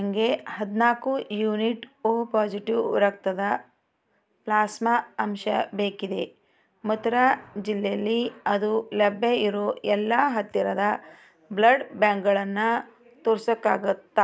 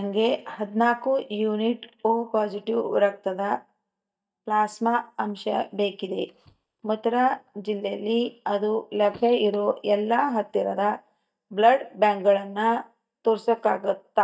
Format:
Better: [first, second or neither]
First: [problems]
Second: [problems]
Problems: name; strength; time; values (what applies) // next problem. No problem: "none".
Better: first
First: none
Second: noise reduction (neural mask model DeepFilterNet 3)